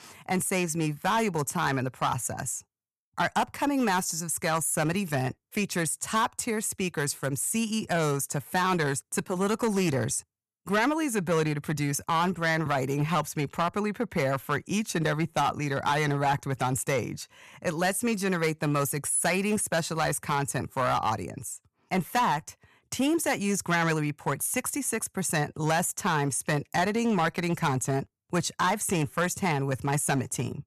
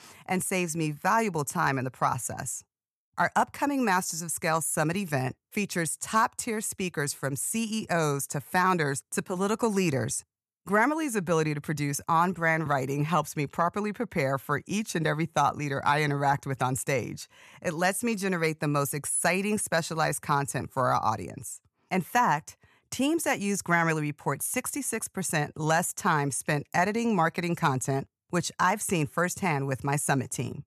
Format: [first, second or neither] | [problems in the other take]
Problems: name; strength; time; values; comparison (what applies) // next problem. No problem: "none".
second | distortion; slight; 6% of the sound clipped